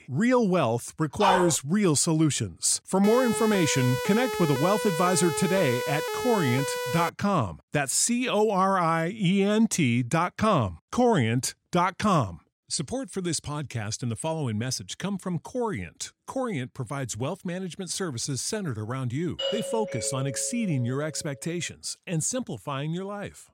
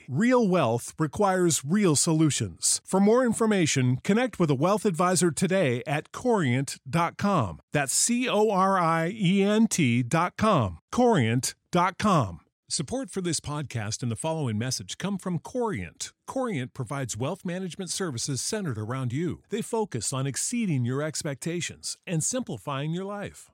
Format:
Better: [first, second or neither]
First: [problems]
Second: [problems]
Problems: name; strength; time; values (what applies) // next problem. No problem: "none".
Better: second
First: dog barking; loud; at 1 s; peak 2 dB above the speech // siren; noticeable; from 3 to 7 s; peak 4 dB below the speech // doorbell; noticeable; from 19 to 21 s; peak 4 dB below the speech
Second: none